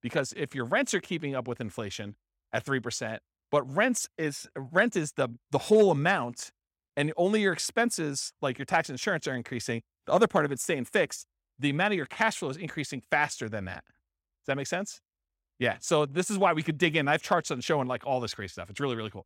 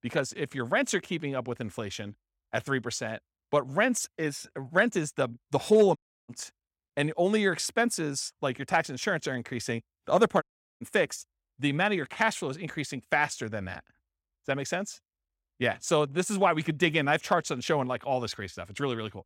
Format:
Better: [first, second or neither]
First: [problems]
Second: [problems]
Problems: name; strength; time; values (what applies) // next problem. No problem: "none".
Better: first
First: none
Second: audio cutting out; at 6 s and at 10 s